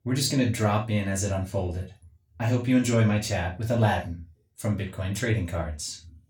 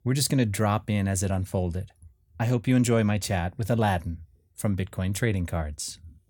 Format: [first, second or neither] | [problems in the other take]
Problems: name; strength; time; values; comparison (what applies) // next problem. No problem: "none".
second | room echo; slight; dies away in 0.2 s // off-mic speech; far